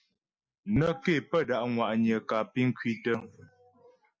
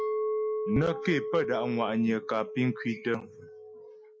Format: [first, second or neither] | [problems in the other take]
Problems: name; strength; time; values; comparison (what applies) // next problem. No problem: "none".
first | background sound (Chink, clink); 5 dB below the speech